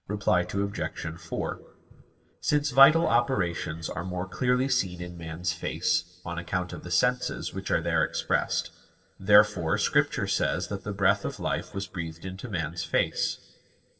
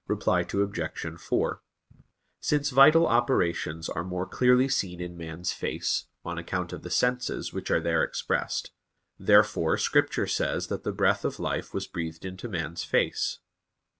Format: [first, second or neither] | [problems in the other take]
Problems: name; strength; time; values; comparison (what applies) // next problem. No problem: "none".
second | room echo; dies away in 1.5 s